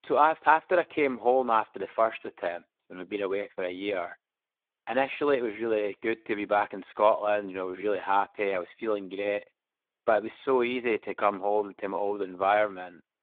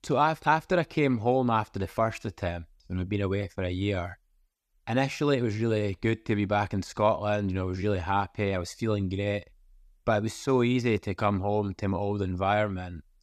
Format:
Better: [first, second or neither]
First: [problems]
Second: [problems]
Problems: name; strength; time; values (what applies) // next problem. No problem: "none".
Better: second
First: phone-call audio; nothing above 3.5 kHz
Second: none